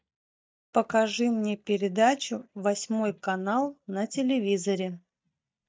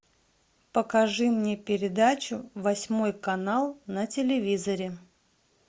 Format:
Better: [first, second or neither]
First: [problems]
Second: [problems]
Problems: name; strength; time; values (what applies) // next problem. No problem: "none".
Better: second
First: noise reduction (neural mask model DeepFilterNet 3)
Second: none